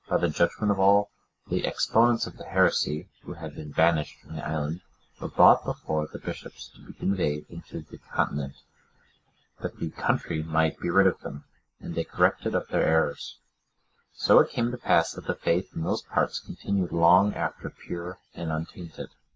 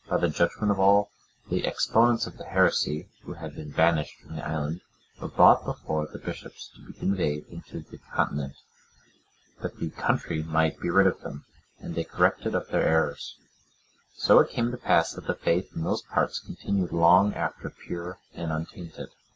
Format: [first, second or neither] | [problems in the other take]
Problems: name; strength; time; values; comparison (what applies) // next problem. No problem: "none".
second | noise reduction (neural mask model Resemble Enhance denoiser)